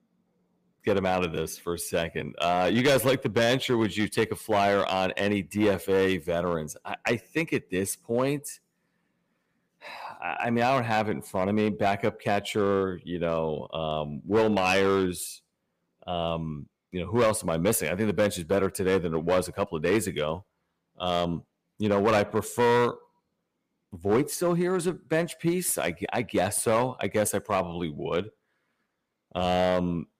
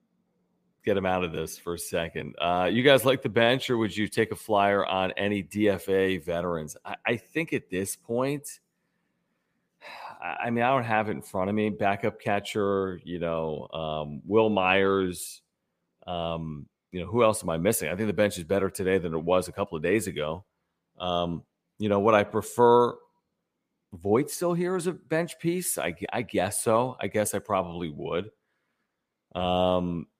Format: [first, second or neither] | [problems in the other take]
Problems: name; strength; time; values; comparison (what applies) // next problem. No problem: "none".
second | distortion; slight; 5% of the sound clipped